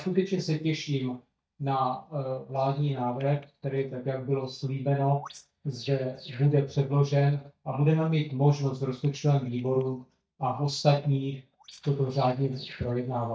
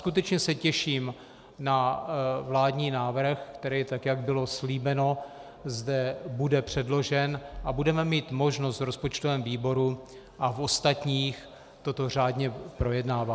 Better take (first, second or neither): second